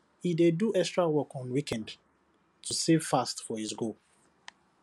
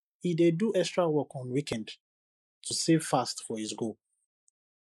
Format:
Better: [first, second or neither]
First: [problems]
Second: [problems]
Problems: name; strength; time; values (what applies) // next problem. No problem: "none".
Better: first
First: none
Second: noise reduction (neural mask model Resemble Enhance denoiser)